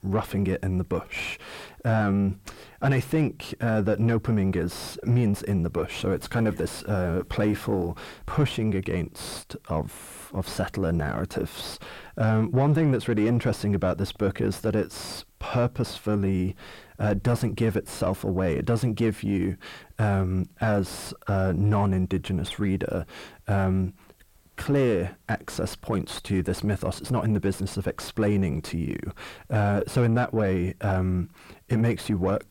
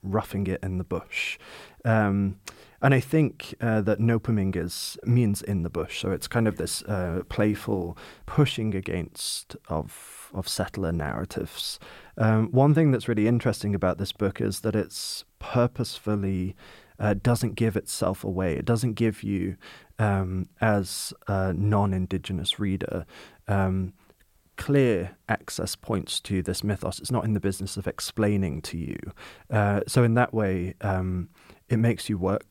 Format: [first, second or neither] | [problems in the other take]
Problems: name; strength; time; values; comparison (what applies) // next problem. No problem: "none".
second | distortion; slight; 8 dB below the speech